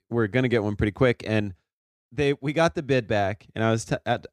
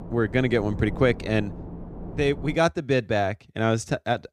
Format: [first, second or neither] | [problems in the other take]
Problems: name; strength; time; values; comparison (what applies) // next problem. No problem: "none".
first | wind noise on the microphone; occasional gusts; until 2.5 s; 20 dB below the speech